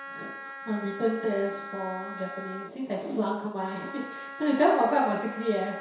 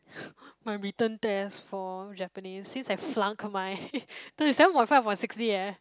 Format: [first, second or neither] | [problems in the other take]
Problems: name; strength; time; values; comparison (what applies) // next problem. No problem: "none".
second | background sound (Wind instrument, woodwind instrument); 12 dB below the speech // room echo; dies away in 0.7 s